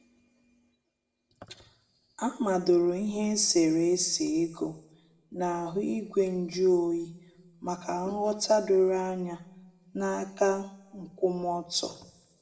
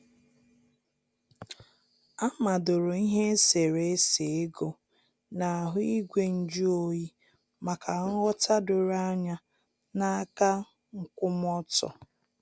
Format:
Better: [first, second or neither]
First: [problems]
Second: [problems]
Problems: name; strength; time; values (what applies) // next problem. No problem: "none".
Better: second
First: room echo; dies away in 0.8 s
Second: none